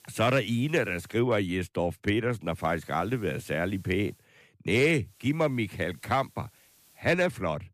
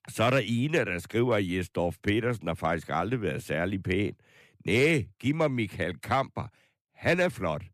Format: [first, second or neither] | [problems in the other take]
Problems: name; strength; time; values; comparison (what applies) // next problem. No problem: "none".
second | hiss; faint; until 1 s, from 2.5 to 4 s and from 5 to 7 s; 30 dB below the speech